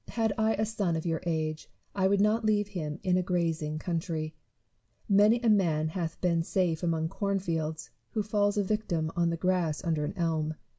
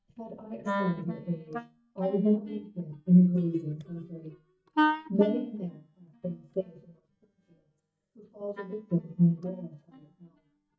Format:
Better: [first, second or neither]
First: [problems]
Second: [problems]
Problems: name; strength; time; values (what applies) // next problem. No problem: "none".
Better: first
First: none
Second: noise reduction (neural mask model DeepFilterNet 3)